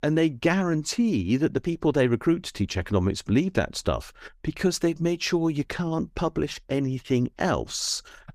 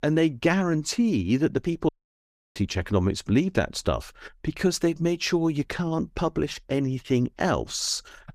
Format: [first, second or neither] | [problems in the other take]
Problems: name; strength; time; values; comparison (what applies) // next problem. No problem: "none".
first | audio cutting out; at 2 s for 0.5 s